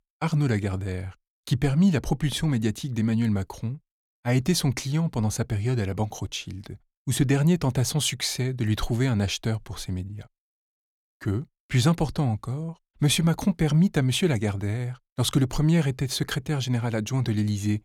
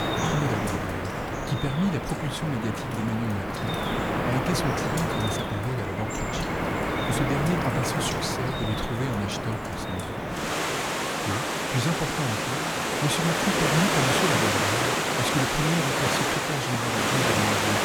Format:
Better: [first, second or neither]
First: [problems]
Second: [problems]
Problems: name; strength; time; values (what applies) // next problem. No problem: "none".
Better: first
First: none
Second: rain or running water; very loud; throughout; 4 dB above the speech